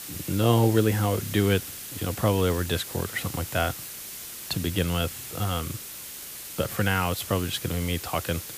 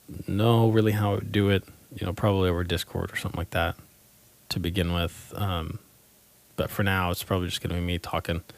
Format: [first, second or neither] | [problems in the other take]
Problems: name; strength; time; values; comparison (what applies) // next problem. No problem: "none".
second | hiss; loud; throughout; 9 dB below the speech; faint in the second